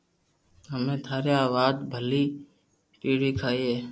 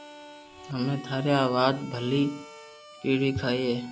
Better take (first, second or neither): first